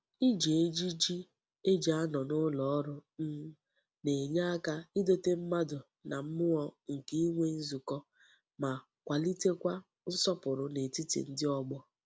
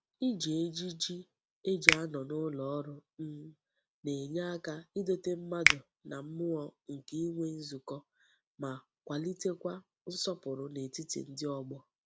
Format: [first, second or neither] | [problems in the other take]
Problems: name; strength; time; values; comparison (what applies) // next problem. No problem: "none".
first | background sound (Finger snapping); 3 dB above the speech